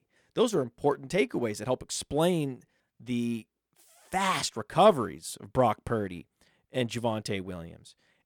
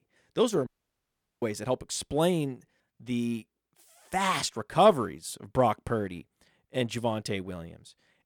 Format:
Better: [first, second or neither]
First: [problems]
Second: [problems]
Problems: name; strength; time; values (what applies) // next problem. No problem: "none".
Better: first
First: none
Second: audio cutting out; at 0.5 s for 0.5 s